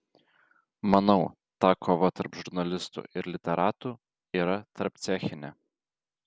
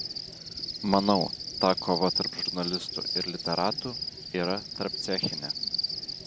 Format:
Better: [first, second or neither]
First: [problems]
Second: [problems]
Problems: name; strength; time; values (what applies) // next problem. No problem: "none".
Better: first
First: none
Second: background sound (Cricket); 3 dB below the speech